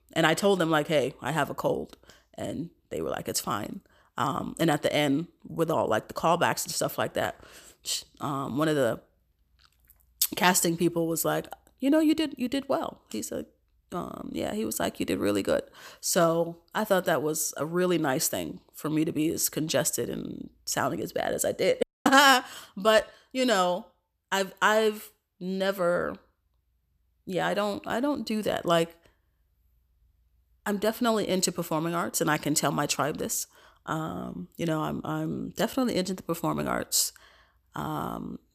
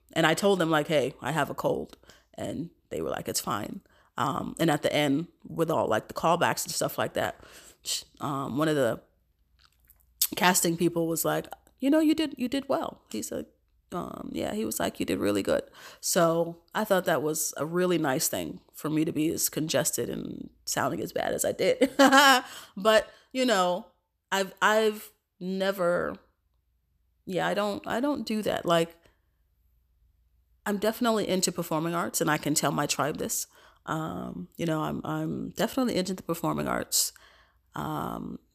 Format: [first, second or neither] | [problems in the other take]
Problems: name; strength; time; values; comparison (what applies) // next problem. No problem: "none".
second | audio cutting out; at 22 s